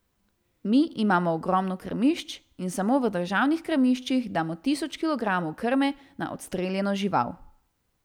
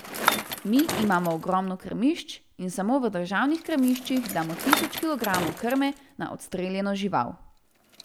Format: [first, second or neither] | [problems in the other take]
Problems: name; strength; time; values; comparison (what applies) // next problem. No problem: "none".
first | background sound (Bicycle); 7 dB below the speech